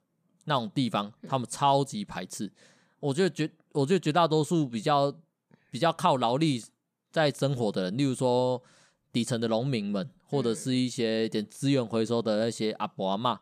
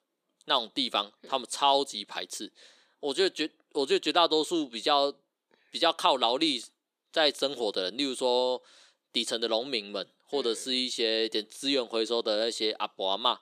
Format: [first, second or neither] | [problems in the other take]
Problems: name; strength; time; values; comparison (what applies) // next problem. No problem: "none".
first | thin; somewhat; fading below 350 Hz